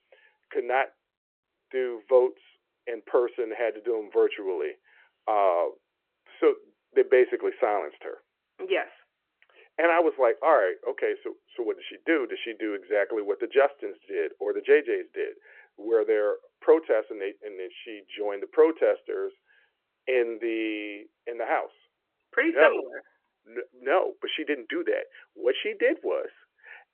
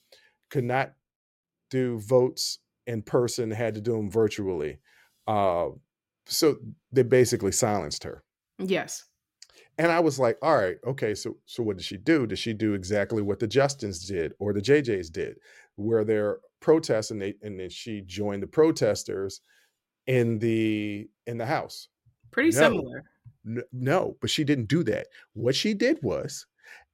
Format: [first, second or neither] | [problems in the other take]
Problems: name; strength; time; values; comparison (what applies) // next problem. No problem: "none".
second | phone-call audio